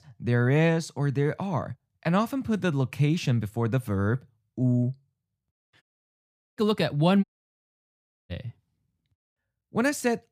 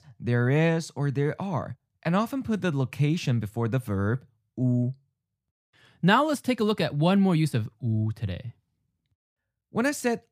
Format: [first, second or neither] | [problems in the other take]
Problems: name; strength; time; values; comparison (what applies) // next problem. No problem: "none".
second | audio cutting out; at 6 s for 1 s and at 7 s for 1 s